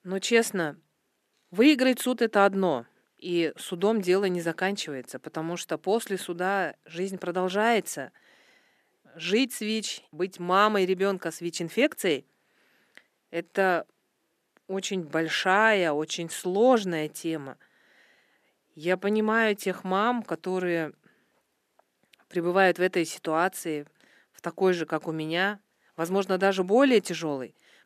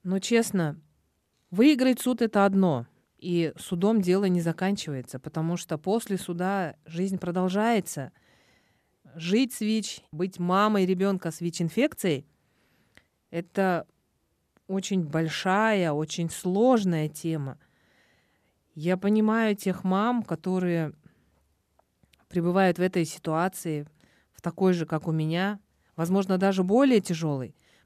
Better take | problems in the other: second | thin; very slightly; fading below 350 Hz

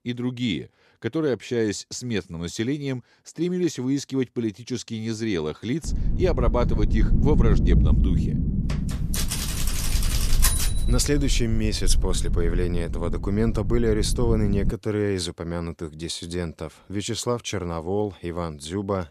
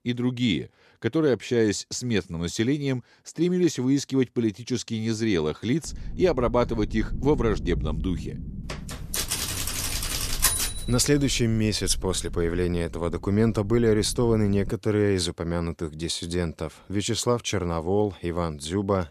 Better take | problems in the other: second | low rumble; loud; from 6 to 15 s; 9 dB below the speech; faint in the second

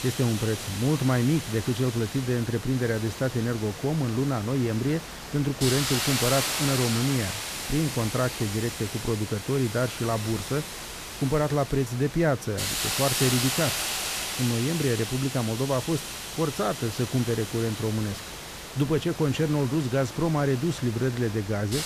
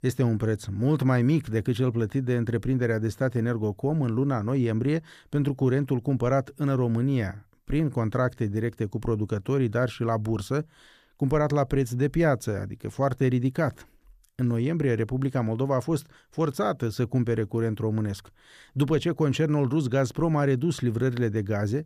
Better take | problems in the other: second | hiss; loud; throughout; 5 dB below the speech

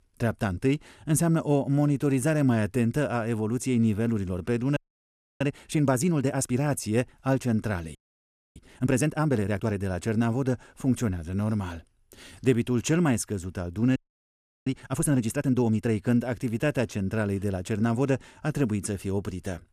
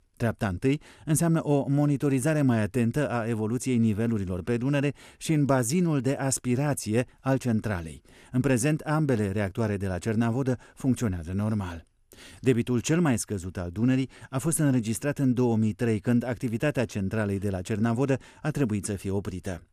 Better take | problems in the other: second | audio freezing; at 5 s for 0.5 s, at 8 s for 0.5 s and at 14 s for 0.5 s

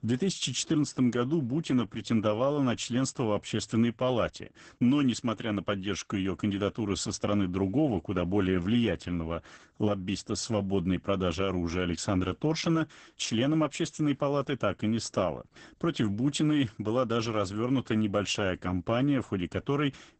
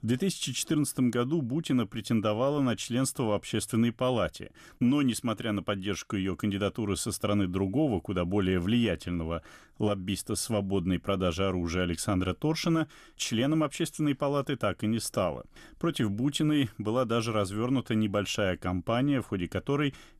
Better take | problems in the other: second | garbled, watery; badly; nothing above 8 kHz

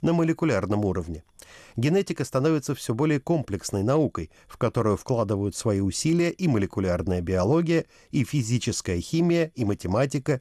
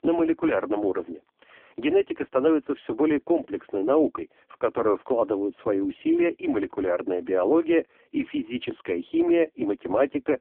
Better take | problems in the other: first | phone-call audio; poor line

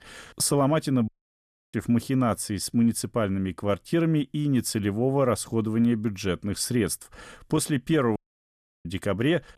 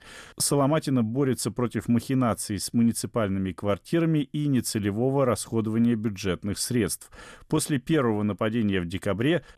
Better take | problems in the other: second | audio cutting out; at 1 s for 0.5 s and at 8 s for 0.5 s

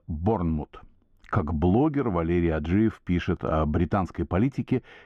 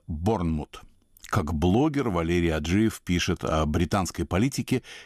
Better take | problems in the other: second | muffled; very; fading above 4 kHz

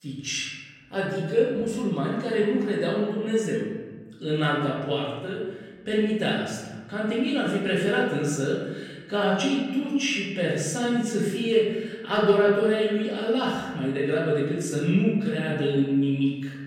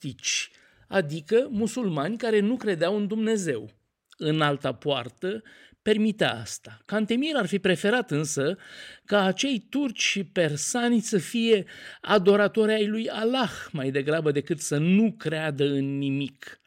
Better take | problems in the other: second | room echo; noticeable; dies away in 1.2 s // off-mic speech; far

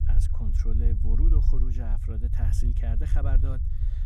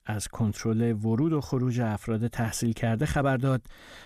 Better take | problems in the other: second | low rumble; loud; throughout; 2 dB below the speech

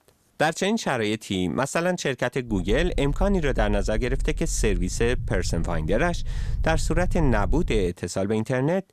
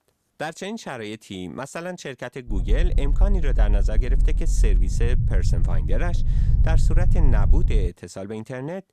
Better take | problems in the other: first | low rumble; loud; from 2.5 to 8 s; 8 dB below the speech; faint in the first

